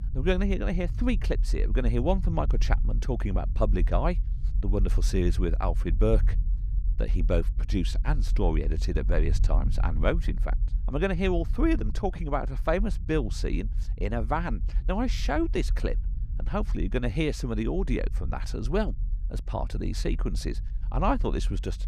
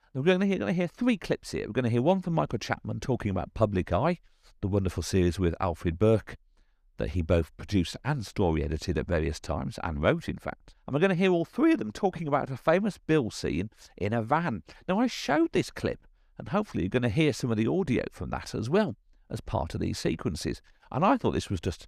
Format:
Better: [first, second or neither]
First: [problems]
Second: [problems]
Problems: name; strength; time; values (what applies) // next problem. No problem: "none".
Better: second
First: low rumble; noticeable; throughout; 20 dB below the speech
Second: none